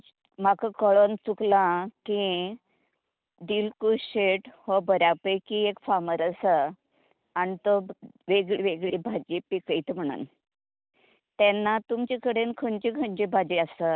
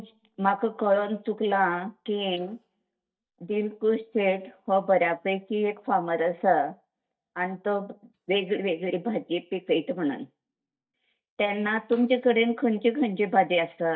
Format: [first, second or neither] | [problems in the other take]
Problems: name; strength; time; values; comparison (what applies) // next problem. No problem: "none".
first | noise reduction (neural mask model DeepFilterNet 3)